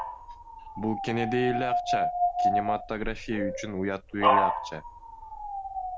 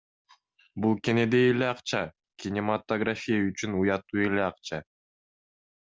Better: second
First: background sound (Dog); 4 dB above the speech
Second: none

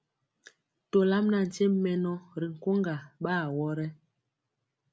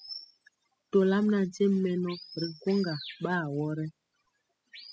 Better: first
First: none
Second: noise reduction (classical method spectral subtraction)

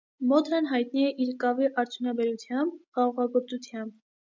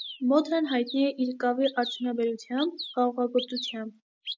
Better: first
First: none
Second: background sound (Bird vocalization, bird call, bird song); 14 dB below the speech

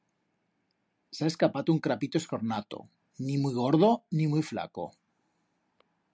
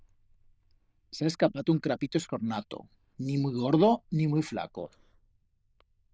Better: first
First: none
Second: noise reduction (neural diffusion model UNIVERSE++)

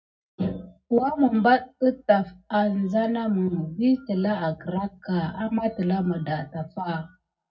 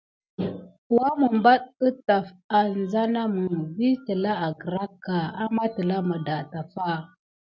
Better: second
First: room echo; dies away in 0.4 s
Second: none

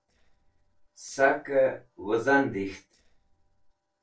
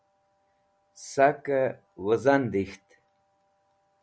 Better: second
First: noise reduction (neural separator model SepFormer DNS4)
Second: none

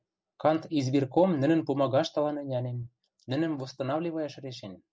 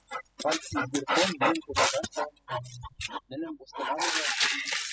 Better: first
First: none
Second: noise reduction (classical method spectral subtraction)

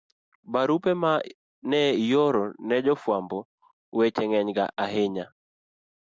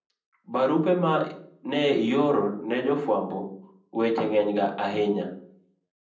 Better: first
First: none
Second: room echo; dies away in 0.6 s

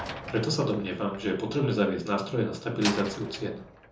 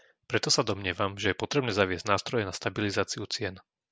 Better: second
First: background sound (Slam); 12 dB below the speech // room echo; dies away in 0.6 s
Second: none

